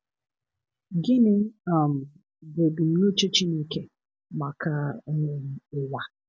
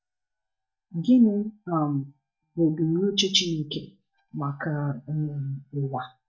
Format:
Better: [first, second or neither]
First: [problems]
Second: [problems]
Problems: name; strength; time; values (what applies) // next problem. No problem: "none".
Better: first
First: none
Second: noise reduction (neural mask model DeepFilterNet 3)